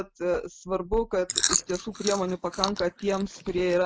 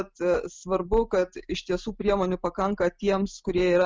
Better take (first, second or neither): second